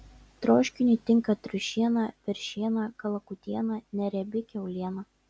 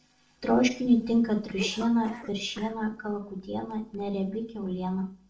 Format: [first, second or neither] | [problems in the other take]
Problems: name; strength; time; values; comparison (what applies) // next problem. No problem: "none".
first | noise reduction (neural separator model SepFormer DNS4)